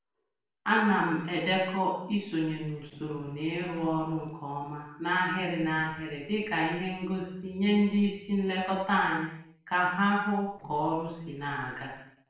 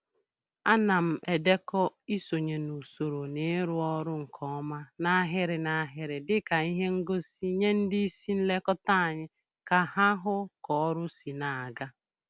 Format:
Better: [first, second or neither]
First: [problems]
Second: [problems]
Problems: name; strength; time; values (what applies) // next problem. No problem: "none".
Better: second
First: noise reduction (neural separator model SepFormer DNS4)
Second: none